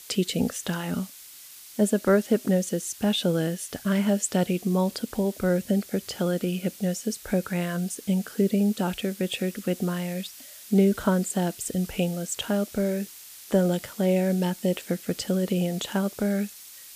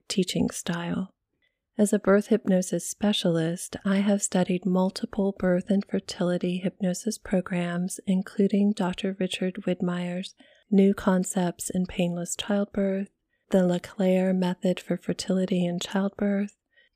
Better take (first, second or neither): second